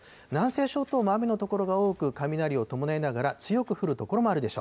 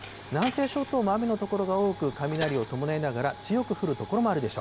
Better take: first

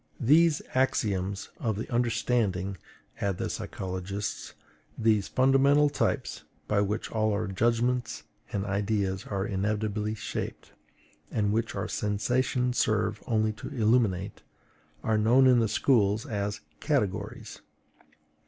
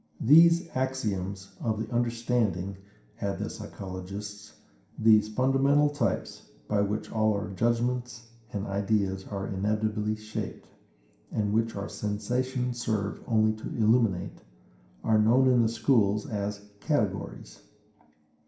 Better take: first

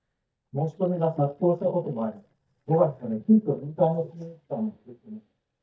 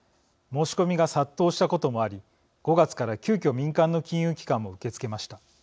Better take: second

